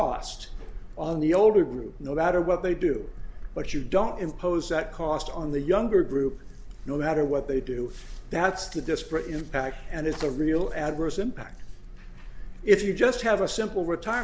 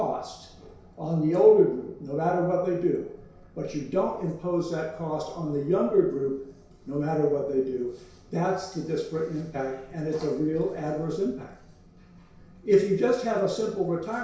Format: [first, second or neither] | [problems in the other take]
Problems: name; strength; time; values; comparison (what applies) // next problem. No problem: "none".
first | room echo; dies away in 0.6 s